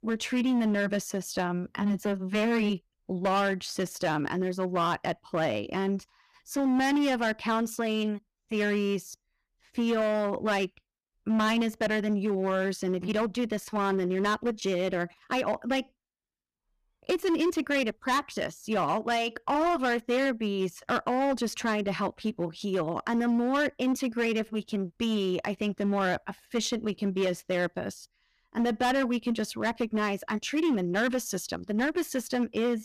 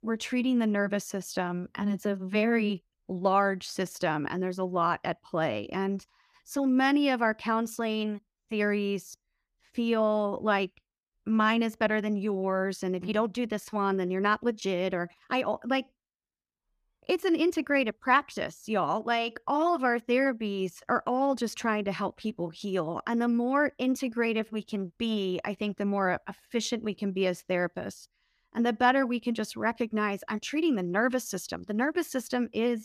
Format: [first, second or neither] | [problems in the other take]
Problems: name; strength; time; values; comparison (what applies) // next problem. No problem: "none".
second | distortion; slight; 11% of the sound clipped